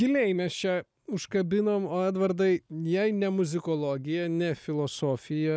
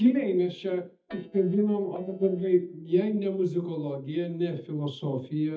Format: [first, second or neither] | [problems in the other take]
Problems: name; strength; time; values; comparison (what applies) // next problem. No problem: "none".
first | noise reduction (neural mask model DeepFilterNet 3)